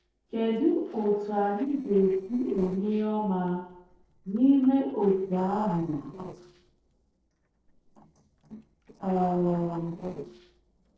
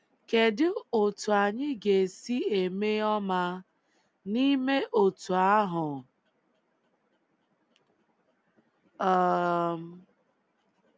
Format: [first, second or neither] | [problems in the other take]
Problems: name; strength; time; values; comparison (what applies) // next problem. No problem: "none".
second | noise reduction (neural separator model SepFormer DNS4)